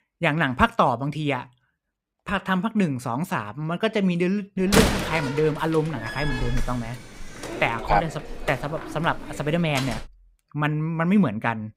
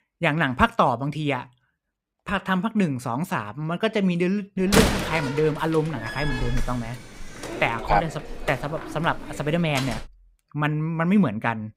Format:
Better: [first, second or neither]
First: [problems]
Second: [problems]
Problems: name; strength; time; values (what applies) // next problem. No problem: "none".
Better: neither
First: door banging; loud; from 4.5 to 10 s; peak 5 dB above the speech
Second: door banging; loud; from 4.5 to 10 s; peak 5 dB above the speech